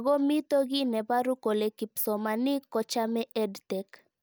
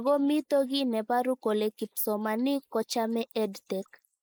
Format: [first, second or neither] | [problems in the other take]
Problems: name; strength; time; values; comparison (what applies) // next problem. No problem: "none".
first | noise reduction (neural mask model Resemble Enhance denoiser)